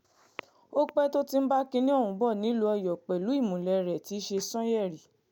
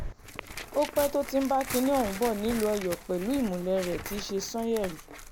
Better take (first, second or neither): first